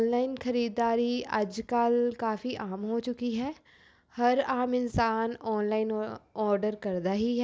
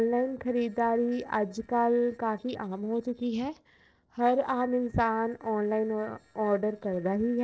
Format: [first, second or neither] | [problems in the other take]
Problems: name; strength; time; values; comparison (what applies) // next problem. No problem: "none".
first | noise reduction (neural separator model SepFormer DNS4)